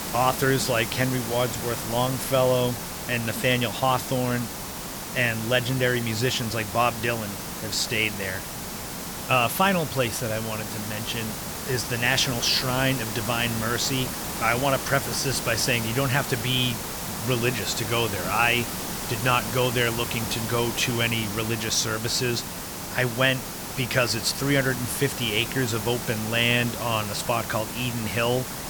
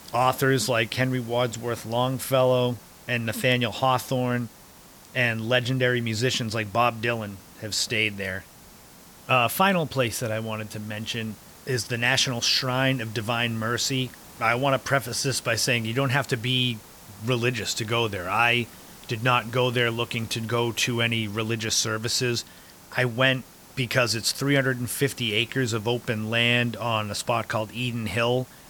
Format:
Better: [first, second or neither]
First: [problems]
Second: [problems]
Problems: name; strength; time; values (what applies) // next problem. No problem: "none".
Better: second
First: hiss; loud; throughout; 6 dB below the speech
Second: hiss; faint; throughout; 20 dB below the speech